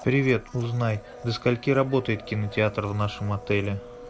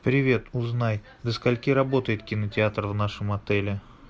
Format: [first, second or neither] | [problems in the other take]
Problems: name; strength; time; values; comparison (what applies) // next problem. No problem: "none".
second | background sound (Domestic sounds, home sounds); 18 dB below the speech